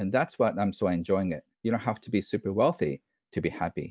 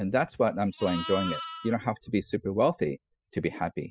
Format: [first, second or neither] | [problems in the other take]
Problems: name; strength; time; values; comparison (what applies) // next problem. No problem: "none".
first | noise reduction (classical method spectral subtraction)